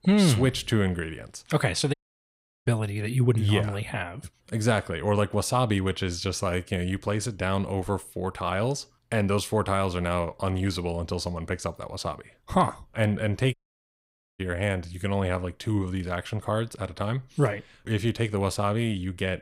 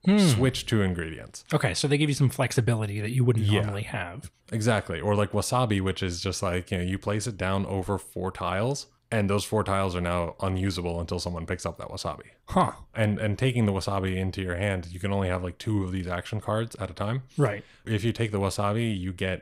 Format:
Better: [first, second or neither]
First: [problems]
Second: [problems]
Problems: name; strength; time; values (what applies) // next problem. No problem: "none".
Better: second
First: audio cutting out; at 2 s for 0.5 s and at 14 s for 1 s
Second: none